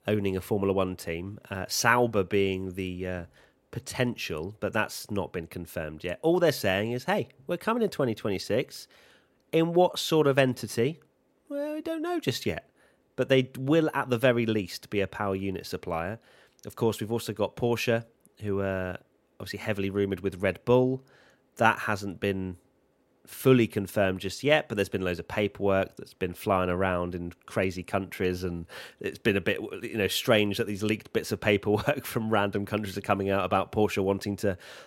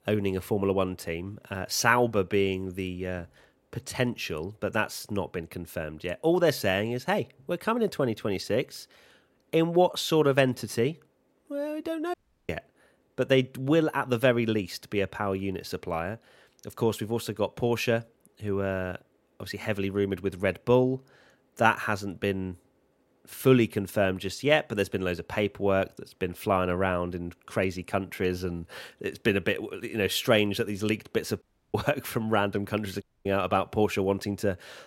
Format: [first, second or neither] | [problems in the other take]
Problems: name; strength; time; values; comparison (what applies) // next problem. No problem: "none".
first | audio cutting out; at 12 s, at 31 s and at 33 s